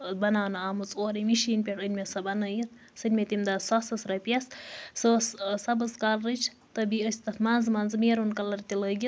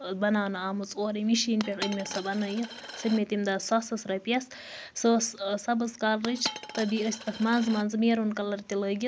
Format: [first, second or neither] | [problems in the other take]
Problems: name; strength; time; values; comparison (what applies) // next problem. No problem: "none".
first | background sound (Coin (dropping)); 15 dB below the speech